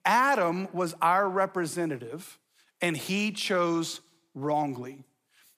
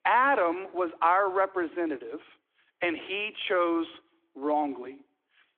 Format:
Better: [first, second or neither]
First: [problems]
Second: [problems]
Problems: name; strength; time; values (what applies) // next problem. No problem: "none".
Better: first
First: none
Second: phone-call audio; nothing above 3.5 kHz